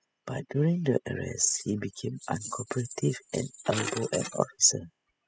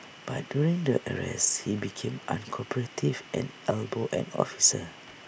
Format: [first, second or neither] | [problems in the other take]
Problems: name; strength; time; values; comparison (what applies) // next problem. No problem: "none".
second | noise reduction (classical method spectral subtraction)